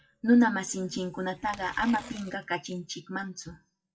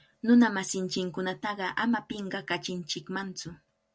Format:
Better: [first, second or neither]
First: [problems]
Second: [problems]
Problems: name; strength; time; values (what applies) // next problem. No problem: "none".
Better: second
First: noise reduction (classical method WPE with log-MMSE)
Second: none